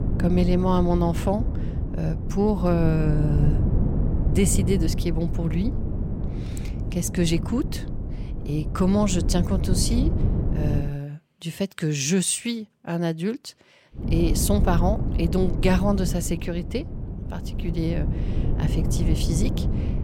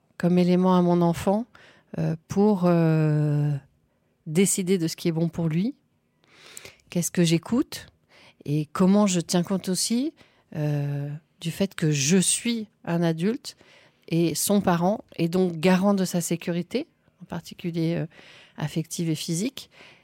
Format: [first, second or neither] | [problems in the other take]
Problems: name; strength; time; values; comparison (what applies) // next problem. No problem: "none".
second | wind noise on the microphone; heavy; until 11 s and from 14 s on; 8 dB below the speech